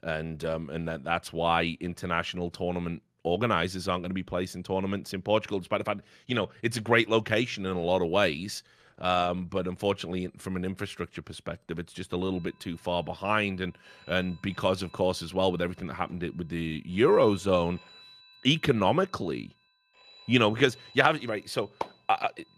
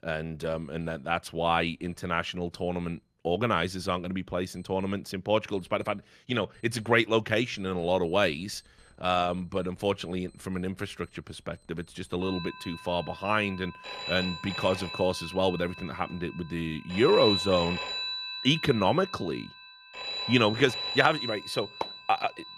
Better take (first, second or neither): first